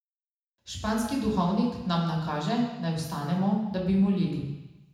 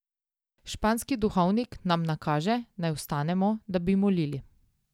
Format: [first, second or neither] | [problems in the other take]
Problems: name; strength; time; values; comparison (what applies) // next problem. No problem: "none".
second | room echo; dies away in 1 s